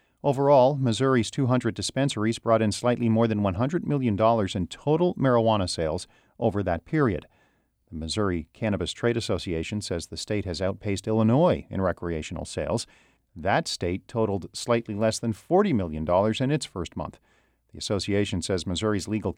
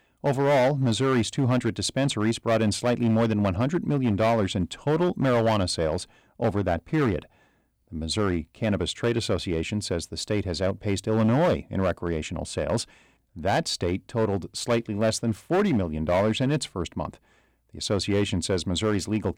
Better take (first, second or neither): first